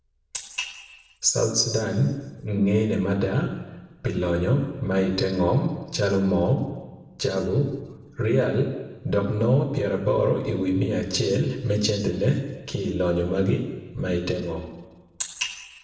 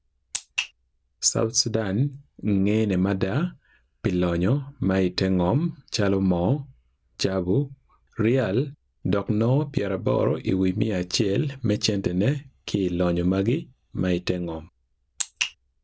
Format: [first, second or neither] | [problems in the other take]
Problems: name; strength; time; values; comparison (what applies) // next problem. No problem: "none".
second | room echo; dies away in 1.1 s